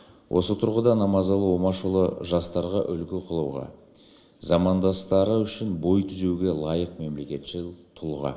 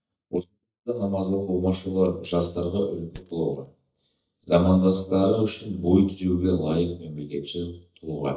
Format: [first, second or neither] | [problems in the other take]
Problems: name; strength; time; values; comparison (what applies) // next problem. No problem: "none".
first | noise reduction (neural mask model DeepFilterNet 3)